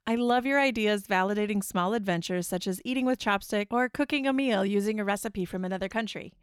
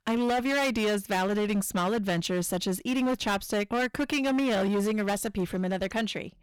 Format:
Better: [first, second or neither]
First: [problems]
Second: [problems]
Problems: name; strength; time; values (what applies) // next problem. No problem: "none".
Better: first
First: none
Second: distortion; heavy; 20% of the sound clipped